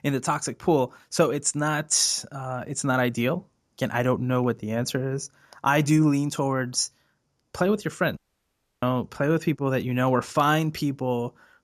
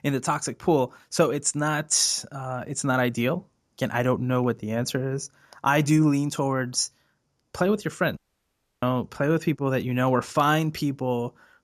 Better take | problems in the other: neither | audio cutting out; at 8 s for 0.5 s; the same in both

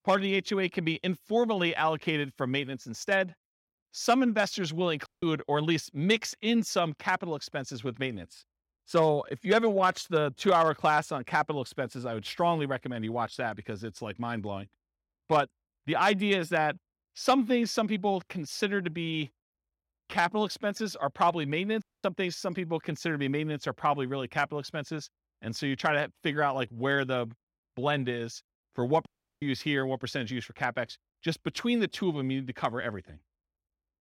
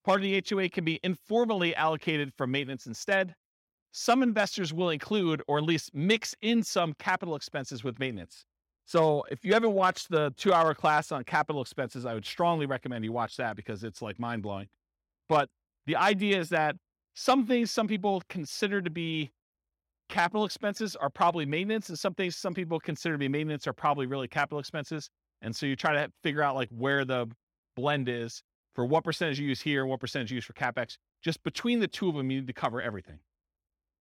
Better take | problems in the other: second | audio cutting out; at 5 s, at 22 s and at 29 s

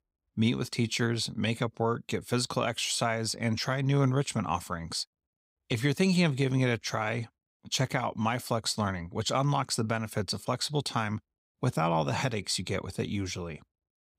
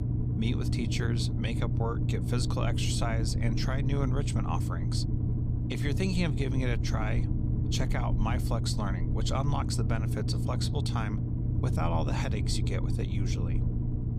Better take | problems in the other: first | low rumble; loud; throughout; 5 dB below the speech

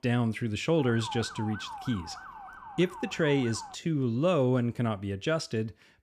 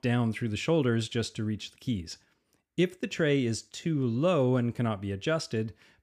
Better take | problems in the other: second | siren; noticeable; from 1 to 4 s; peak 10 dB below the speech

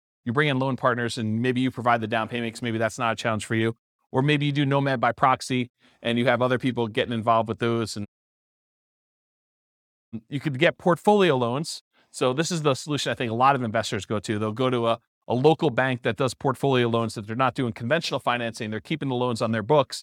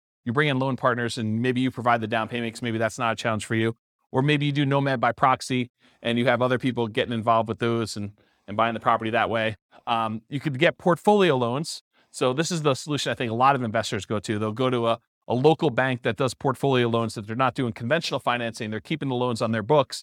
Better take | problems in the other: second | audio cutting out; at 8 s for 2 s

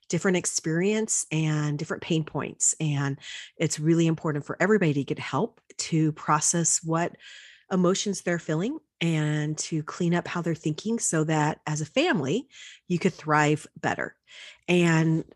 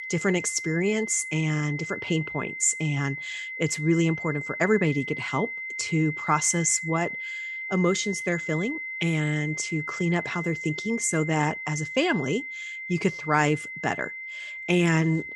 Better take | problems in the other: first | high-pitched whine; loud; throughout; 2 kHz, 7 dB below the speech

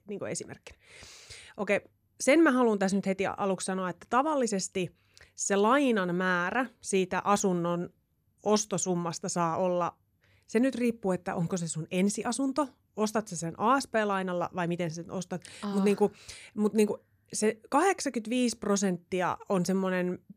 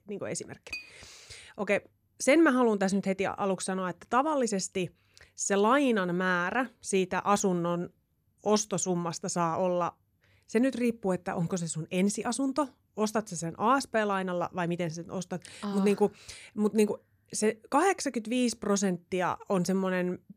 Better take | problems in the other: first | clattering dishes; faint; at 0.5 s; peak 10 dB below the speech

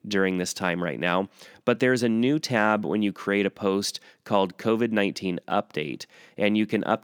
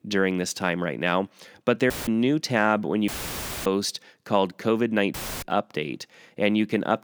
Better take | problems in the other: first | audio cutting out; filled with static; at 2 s, at 3 s for 0.5 s and at 5 s

